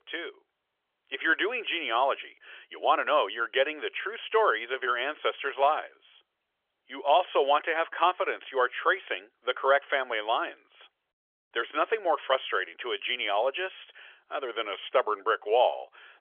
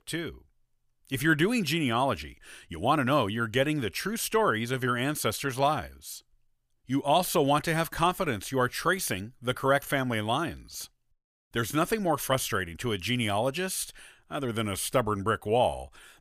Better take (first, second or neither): second